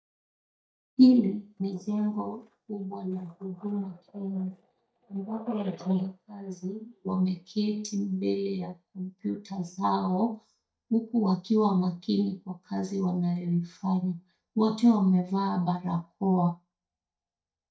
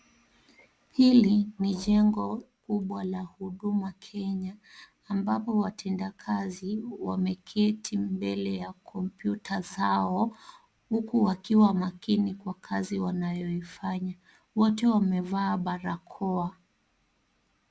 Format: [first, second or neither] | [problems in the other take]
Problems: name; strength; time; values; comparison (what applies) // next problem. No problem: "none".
second | noise reduction (neural mask model DeepFilterNet 3)